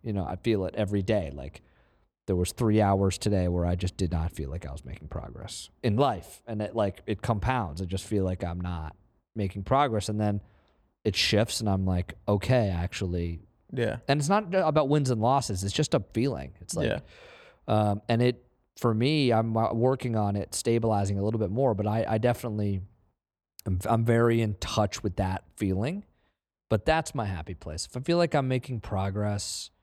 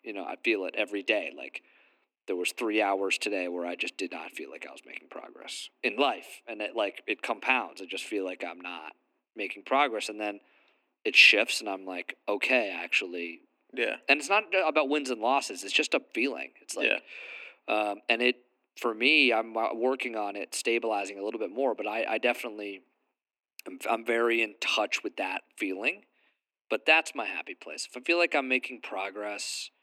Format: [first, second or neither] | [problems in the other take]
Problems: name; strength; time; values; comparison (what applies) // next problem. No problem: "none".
first | thin; somewhat; fading below 250 Hz